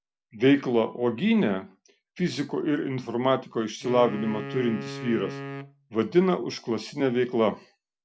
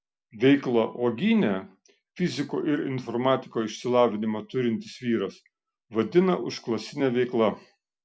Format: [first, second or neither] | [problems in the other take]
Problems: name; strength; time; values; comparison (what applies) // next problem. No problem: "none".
second | background sound (Wind instrument, woodwind instrument); 12 dB below the speech